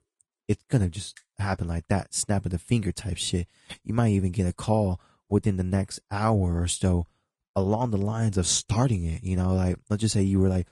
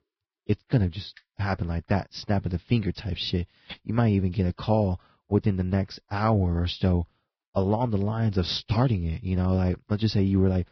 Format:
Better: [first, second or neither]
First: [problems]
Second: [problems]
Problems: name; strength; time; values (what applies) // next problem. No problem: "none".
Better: first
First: garbled, watery; slightly; nothing above 10 kHz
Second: garbled, watery; badly; nothing above 5.5 kHz